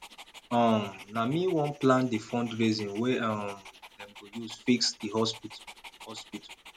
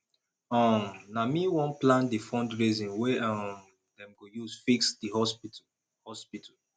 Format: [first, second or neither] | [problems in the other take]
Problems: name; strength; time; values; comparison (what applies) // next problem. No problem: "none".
second | background sound (Dog); 20 dB below the speech